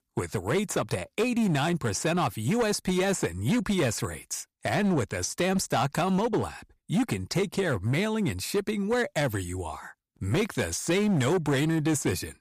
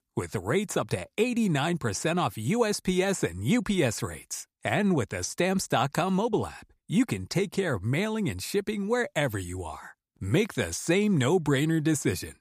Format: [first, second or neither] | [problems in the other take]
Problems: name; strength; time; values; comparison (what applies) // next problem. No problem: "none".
second | distortion; slight; 10% of the sound clipped